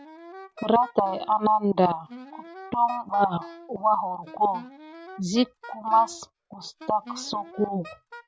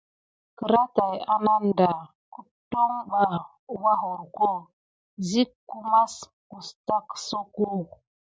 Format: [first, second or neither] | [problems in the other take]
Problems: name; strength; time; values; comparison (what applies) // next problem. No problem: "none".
second | background sound (Wind instrument, woodwind instrument); 19 dB below the speech